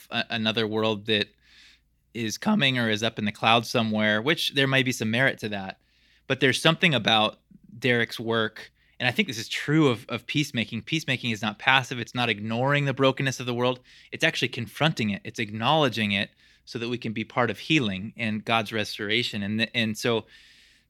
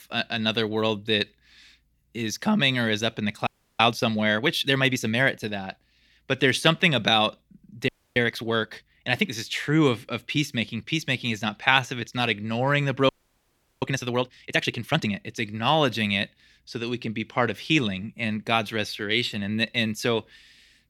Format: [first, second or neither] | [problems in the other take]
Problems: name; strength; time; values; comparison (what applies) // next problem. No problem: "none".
first | audio freezing; at 3.5 s, at 8 s and at 13 s for 0.5 s